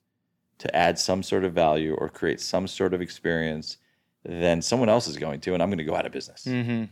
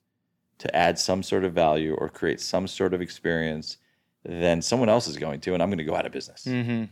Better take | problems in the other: neither | none

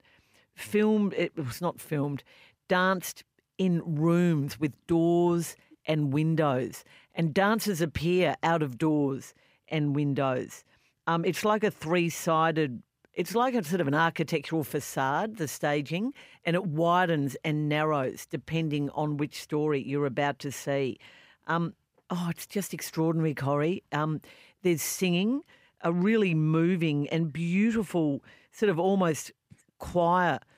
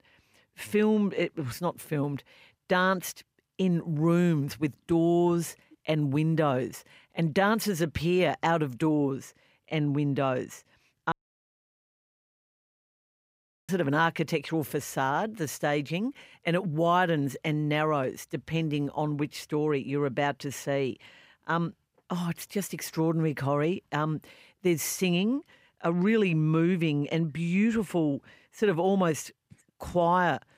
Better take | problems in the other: first | audio cutting out; at 11 s for 2.5 s

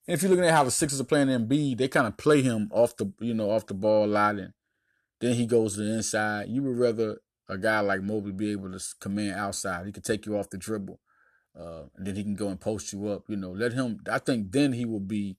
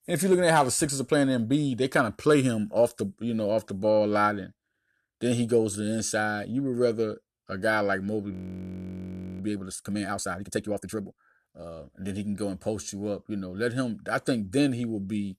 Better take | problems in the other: first | audio freezing; at 8.5 s for 1 s

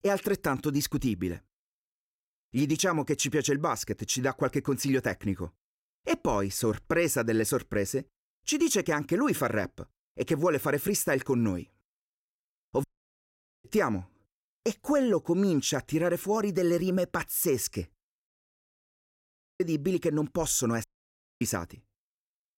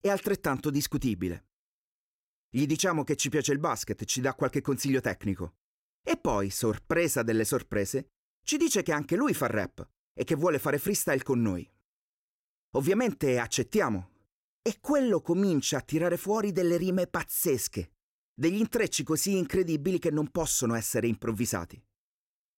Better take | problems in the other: second | audio cutting out; at 13 s for 1 s, at 18 s for 1.5 s and at 21 s for 0.5 s

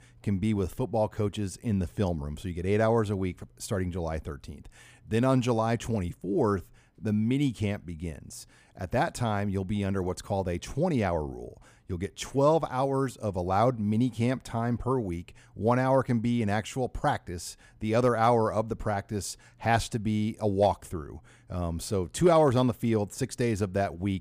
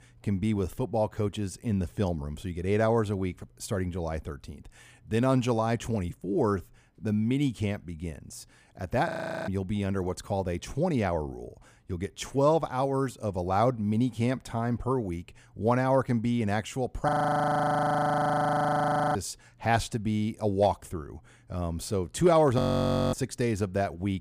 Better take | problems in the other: first | audio freezing; at 9 s, at 17 s for 2 s and at 23 s for 0.5 s

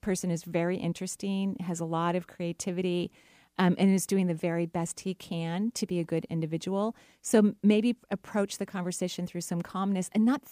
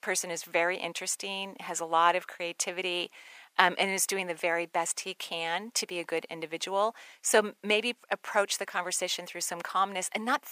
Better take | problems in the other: first | thin; very; fading below 750 Hz

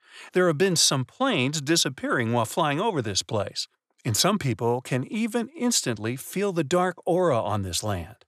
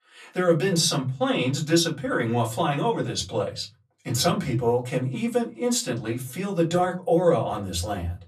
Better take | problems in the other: first | off-mic speech; far // room echo; very slight; dies away in 0.4 s

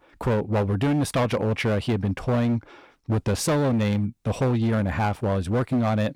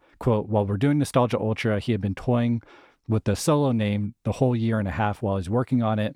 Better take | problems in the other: second | distortion; slight; 17% of the sound clipped

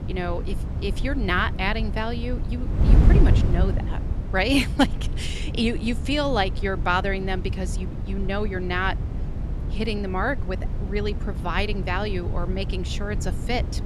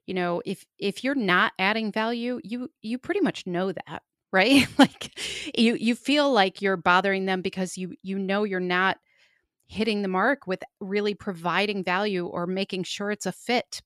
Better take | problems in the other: second | wind noise on the microphone; occasional gusts; 10 dB below the speech

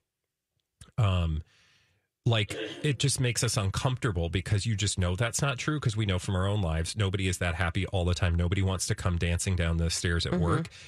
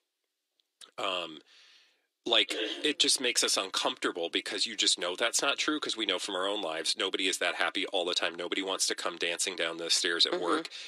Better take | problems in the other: first | thin; very; fading below 300 Hz

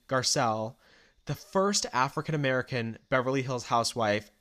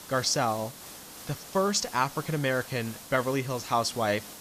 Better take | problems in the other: first | hiss; noticeable; throughout; 15 dB below the speech

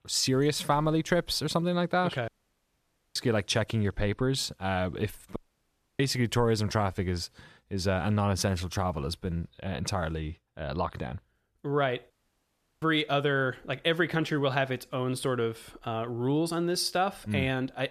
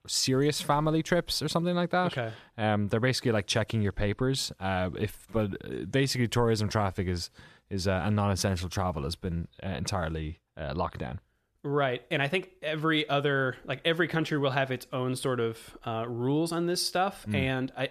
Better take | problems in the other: second | audio cutting out; at 2.5 s for 1 s, at 5.5 s for 0.5 s and at 12 s for 0.5 s

